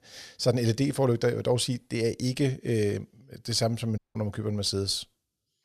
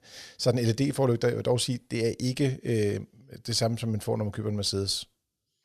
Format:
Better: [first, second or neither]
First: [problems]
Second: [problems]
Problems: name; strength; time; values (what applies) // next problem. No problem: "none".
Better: second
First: audio cutting out; at 4 s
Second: none